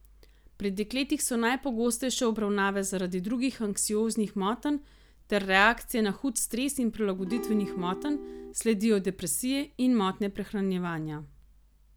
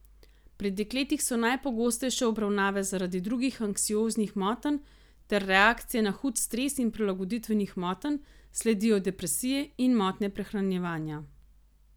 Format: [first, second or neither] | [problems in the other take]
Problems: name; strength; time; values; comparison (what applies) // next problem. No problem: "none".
second | background sound (Acoustic guitar / Strum); 9 dB below the speech